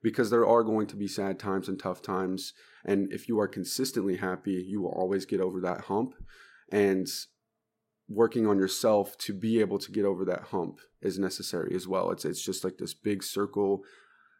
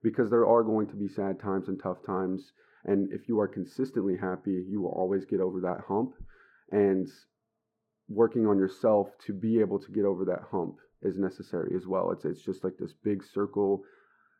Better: first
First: none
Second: muffled; very; fading above 2.5 kHz

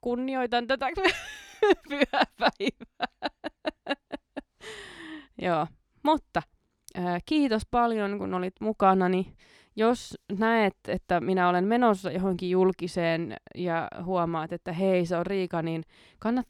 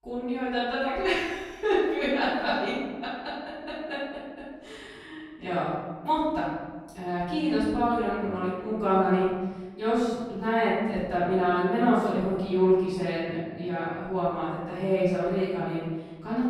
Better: first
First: none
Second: off-mic speech; far // room echo; strong; dies away in 1.2 s

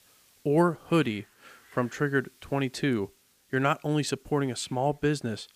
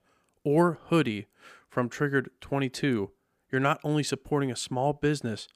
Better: second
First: hiss; faint; throughout; 30 dB below the speech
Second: none

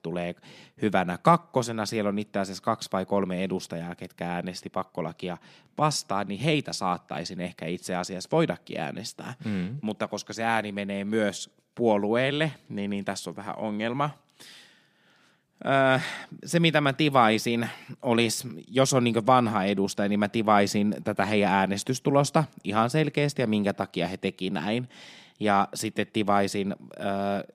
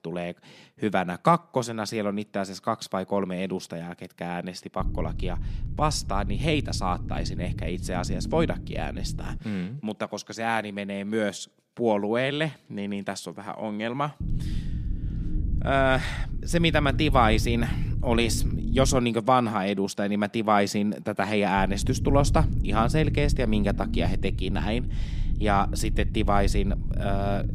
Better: first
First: none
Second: low rumble; noticeable; from 5 to 9.5 s, from 14 to 19 s and from 22 s on; 15 dB below the speech

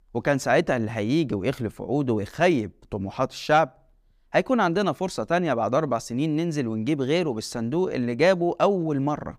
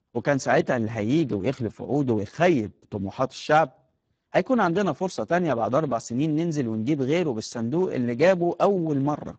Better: first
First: none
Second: garbled, watery; badly; nothing above 7.5 kHz

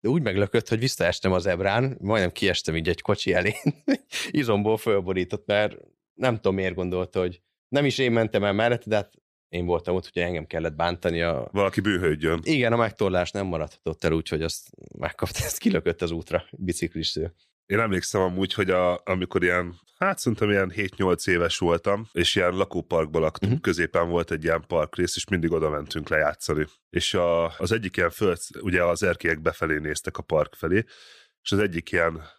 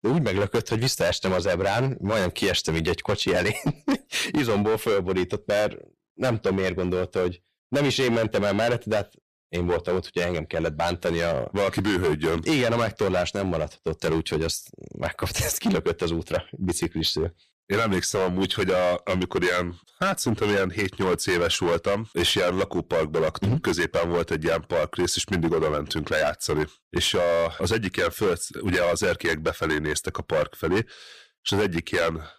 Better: first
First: none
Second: distortion; heavy; 13% of the sound clipped

